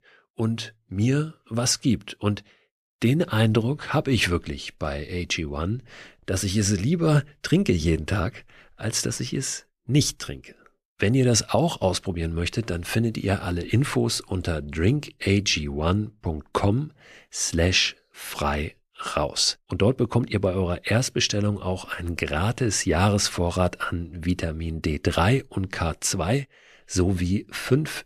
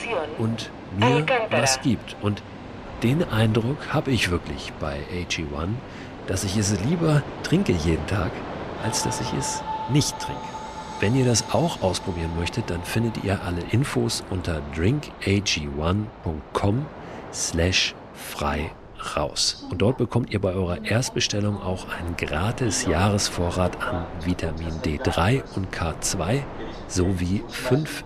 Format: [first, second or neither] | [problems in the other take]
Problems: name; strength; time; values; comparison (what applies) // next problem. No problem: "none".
first | train or aircraft noise; loud; throughout; 8 dB below the speech